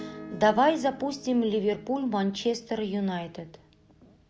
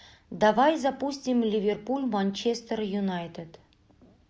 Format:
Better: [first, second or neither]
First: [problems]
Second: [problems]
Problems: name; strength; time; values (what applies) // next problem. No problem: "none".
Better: second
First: background sound (Acoustic guitar / Strum); 19 dB below the speech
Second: none